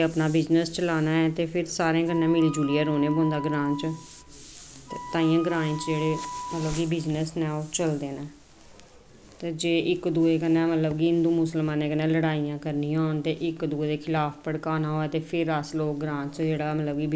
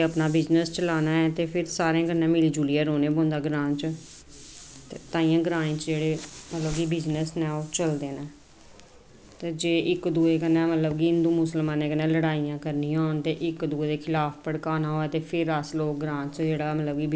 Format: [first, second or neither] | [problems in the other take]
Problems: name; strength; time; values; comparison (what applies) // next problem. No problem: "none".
second | background sound (Wind instrument, woodwind instrument); 12 dB below the speech